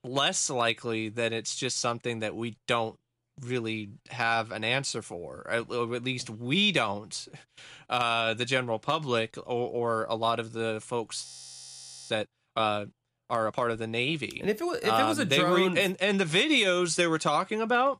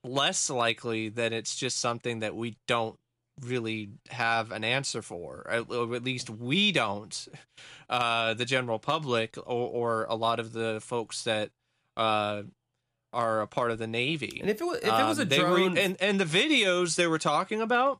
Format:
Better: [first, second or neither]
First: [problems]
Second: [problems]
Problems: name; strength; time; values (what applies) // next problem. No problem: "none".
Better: second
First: audio freezing; at 11 s for 1 s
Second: none